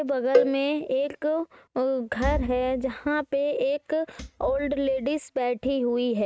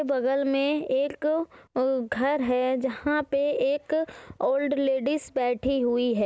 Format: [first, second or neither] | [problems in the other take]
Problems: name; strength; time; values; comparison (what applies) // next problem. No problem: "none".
second | noise reduction (neural mask model RNNoise)